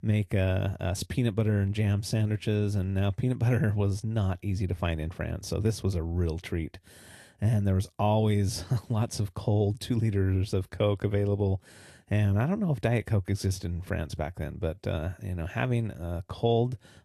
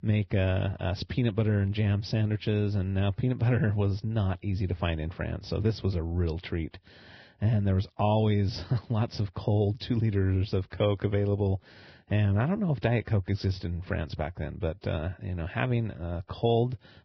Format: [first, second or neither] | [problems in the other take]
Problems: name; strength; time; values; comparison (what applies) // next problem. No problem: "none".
first | garbled, watery; badly; nothing above 5.5 kHz; slightly in the first